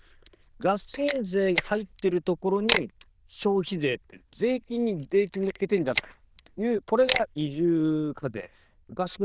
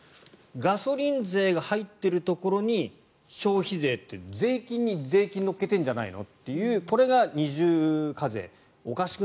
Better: second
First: noise reduction (neural diffusion model UNIVERSE++)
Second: none

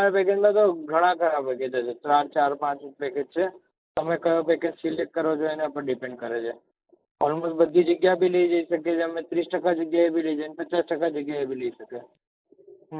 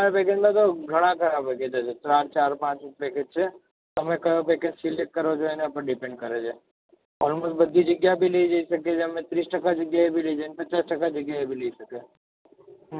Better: second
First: noise reduction (neural mask model Resemble Enhance denoiser)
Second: none

